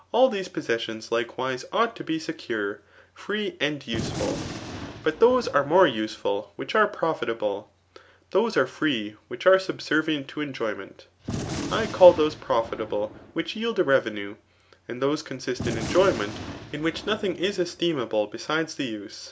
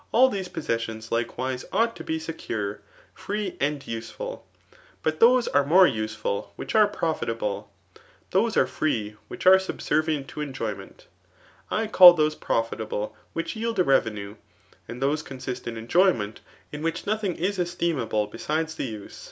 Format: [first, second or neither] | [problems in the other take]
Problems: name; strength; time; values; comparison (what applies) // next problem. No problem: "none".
second | background sound (Gunshot, gunfire); 10 dB below the speech